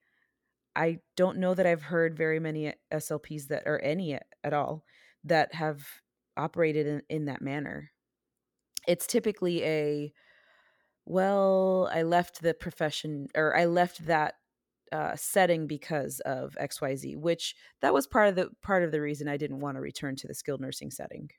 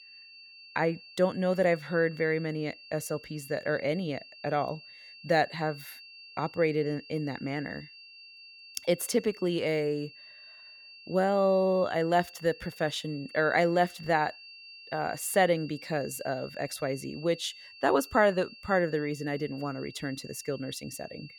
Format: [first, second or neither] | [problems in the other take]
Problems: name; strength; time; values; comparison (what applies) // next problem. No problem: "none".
first | high-pitched whine; noticeable; throughout; 2.5 kHz, 20 dB below the speech